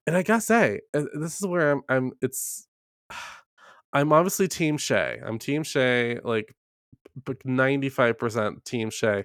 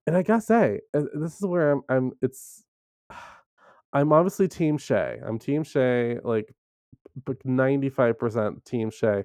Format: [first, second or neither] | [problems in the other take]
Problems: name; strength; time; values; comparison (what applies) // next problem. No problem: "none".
first | muffled; slightly; fading above 1.5 kHz